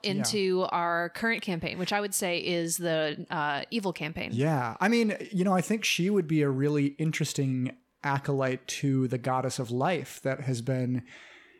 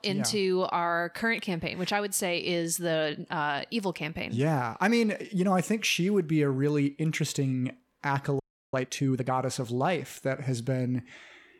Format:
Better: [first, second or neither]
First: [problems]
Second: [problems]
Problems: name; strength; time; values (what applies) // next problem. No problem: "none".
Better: first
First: none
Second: audio freezing; at 8.5 s